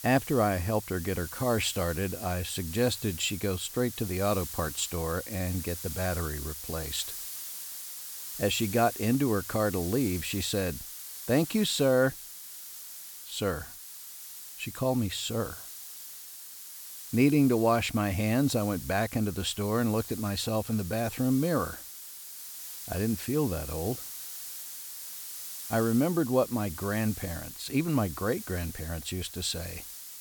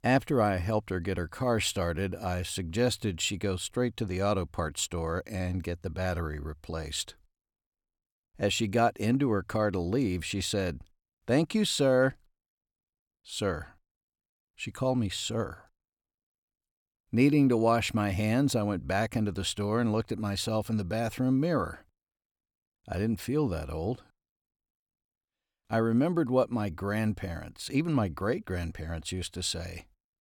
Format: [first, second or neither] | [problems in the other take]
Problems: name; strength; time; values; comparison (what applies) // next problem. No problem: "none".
second | hiss; loud; throughout; 10 dB below the speech